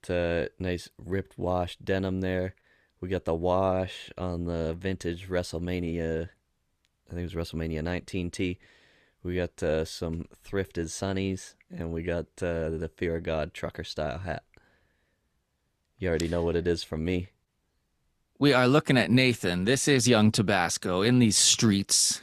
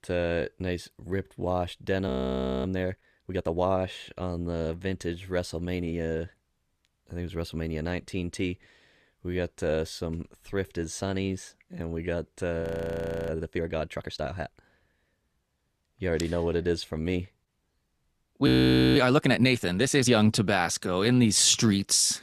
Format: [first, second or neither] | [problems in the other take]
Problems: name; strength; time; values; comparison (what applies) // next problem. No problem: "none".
first | audio freezing; at 2 s for 0.5 s, at 13 s for 0.5 s and at 18 s